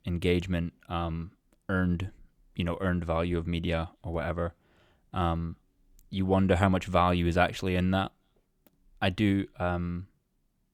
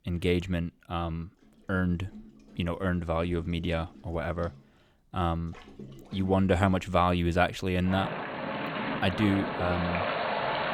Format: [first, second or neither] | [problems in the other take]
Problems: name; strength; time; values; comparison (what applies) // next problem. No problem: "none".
first | rain or running water; loud; throughout; 4 dB below the speech